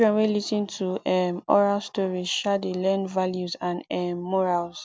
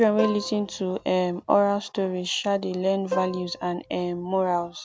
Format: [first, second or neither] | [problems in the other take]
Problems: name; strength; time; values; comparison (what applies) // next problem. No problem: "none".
first | background sound (Plucked string instrument); 12 dB below the speech